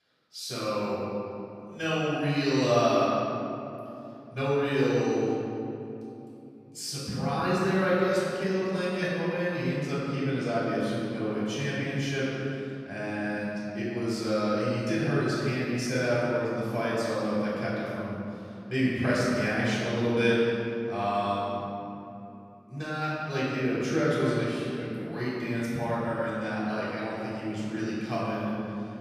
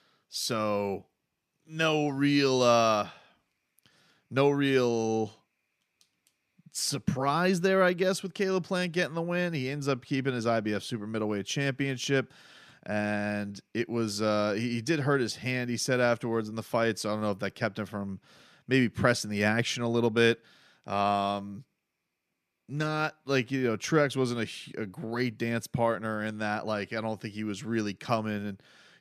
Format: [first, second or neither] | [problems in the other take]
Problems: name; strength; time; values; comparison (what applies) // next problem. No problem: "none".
second | off-mic speech; far // room echo; strong; dies away in 2.6 s